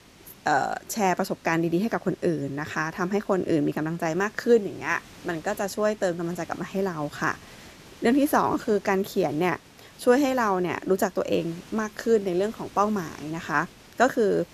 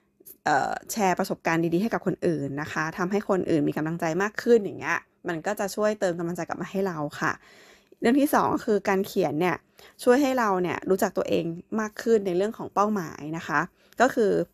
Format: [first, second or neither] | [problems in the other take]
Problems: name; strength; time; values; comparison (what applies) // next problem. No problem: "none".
second | hiss; faint; throughout; 25 dB below the speech